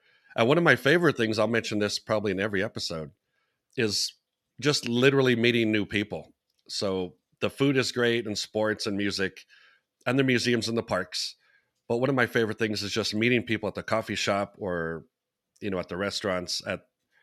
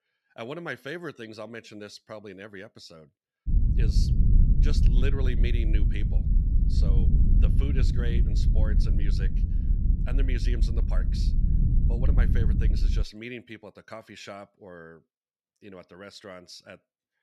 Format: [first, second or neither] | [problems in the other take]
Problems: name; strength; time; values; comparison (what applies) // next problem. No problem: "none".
first | low rumble; loud; from 3.5 to 13 s; 2 dB below the speech